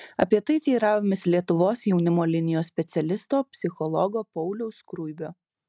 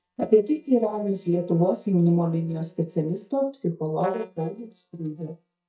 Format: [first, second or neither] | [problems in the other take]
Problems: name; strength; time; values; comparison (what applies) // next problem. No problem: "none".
first | noise reduction (neural mask model DeepFilterNet 3)